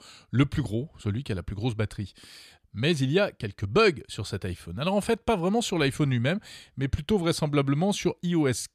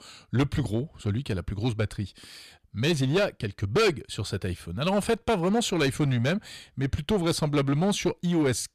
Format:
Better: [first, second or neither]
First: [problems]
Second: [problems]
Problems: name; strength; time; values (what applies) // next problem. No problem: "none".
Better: first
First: none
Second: distortion; slight; 7% of the sound clipped